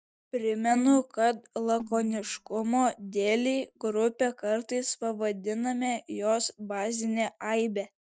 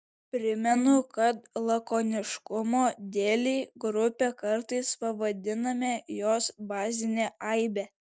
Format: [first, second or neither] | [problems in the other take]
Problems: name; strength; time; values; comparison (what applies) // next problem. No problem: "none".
second | noise reduction (neural mask model DeepFilterNet 3)